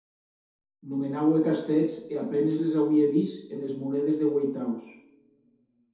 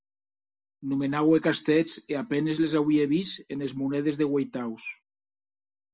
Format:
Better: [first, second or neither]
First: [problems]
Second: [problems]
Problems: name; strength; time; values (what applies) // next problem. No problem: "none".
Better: second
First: room echo; dies away in 0.8 s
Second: none